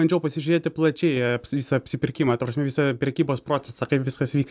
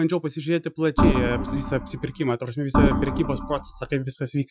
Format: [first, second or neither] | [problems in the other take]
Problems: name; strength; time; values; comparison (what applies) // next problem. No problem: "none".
first | noise reduction (classical method Wiener filter)